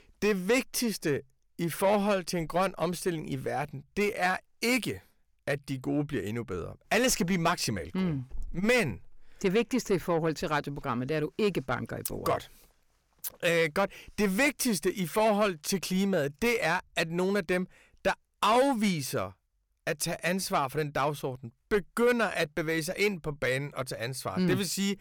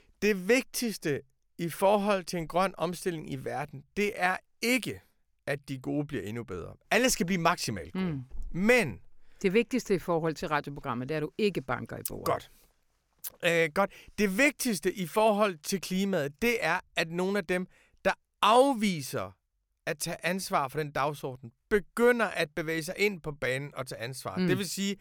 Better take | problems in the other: second | distortion; slight; 10 dB below the speech

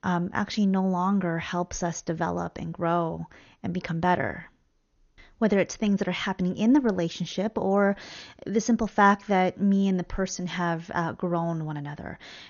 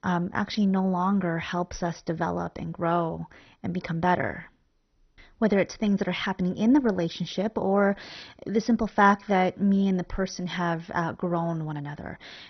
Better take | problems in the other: first | garbled, watery; badly; nothing above 6 kHz; slightly in the first

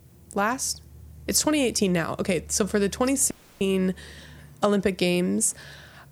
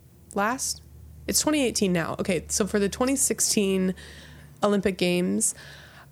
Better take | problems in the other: second | audio cutting out; at 3.5 s

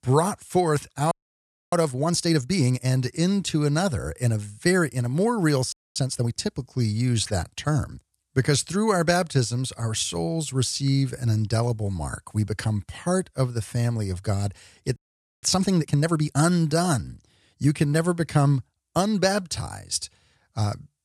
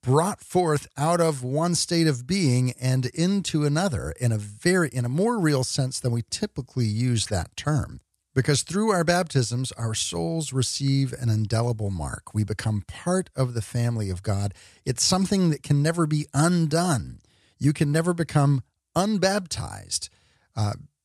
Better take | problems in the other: second | audio freezing; at 1 s for 0.5 s, at 5.5 s and at 15 s

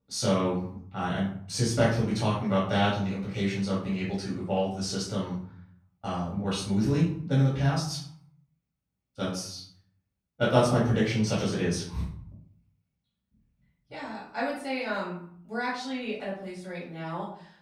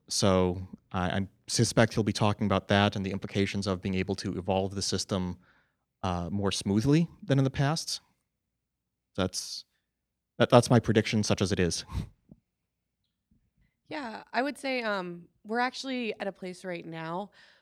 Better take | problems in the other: second | off-mic speech; far // room echo; noticeable; dies away in 0.5 s

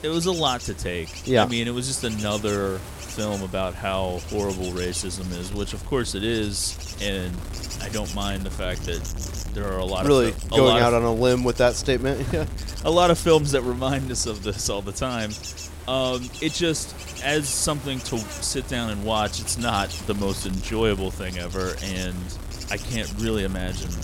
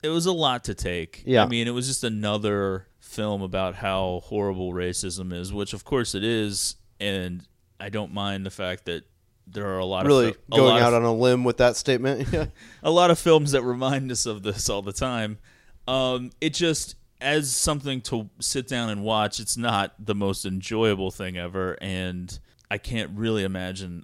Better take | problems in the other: second | wind noise on the microphone; occasional gusts; 10 dB below the speech

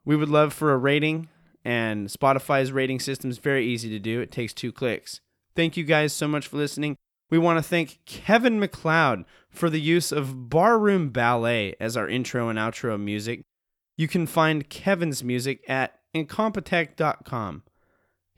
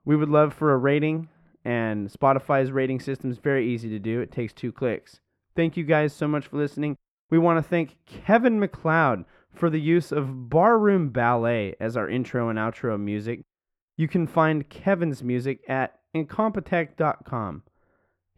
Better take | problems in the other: first | muffled; very; fading above 3 kHz

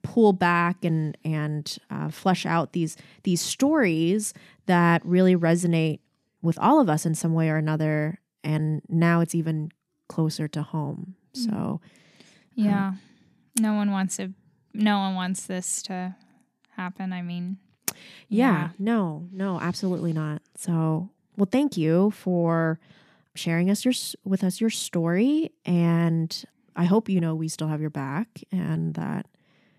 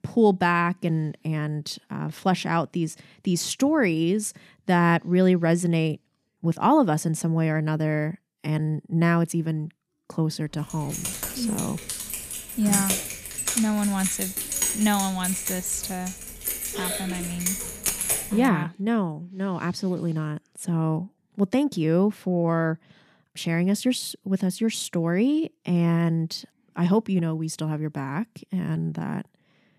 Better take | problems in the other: first | jangling keys; loud; from 11 to 18 s; peak 3 dB above the speech

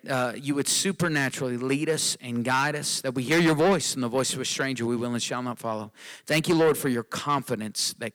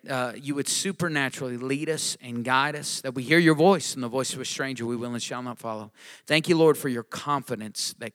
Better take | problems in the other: second | distortion; heavy; 8 dB below the speech

